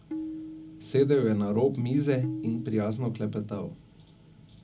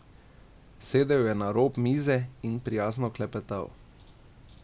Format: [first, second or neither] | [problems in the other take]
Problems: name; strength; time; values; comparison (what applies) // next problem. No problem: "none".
second | background sound (Tabla); 13 dB below the speech // room echo; dies away in 0.4 s